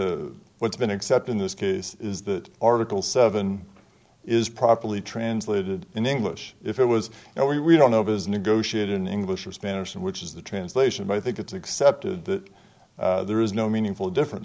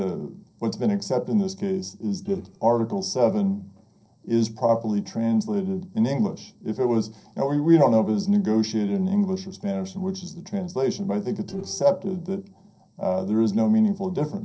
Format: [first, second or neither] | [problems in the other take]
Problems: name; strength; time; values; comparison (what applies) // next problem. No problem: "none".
first | noise reduction (neural separator model SepFormer DNS4)